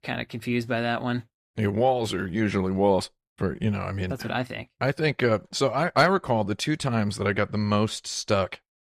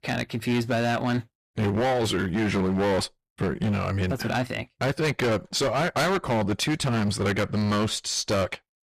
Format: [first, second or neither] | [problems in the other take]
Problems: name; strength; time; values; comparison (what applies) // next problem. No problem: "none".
first | distortion; heavy; 20% of the sound clipped